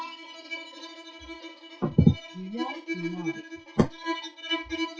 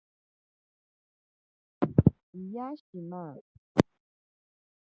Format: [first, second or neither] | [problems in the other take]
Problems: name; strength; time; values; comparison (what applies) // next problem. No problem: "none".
second | noise reduction (classical method WPE with log-MMSE)